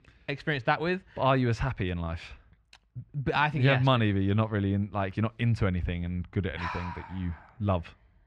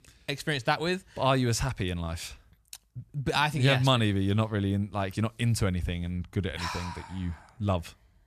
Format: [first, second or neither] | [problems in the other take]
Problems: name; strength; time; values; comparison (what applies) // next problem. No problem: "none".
second | muffled; slightly; fading above 2.5 kHz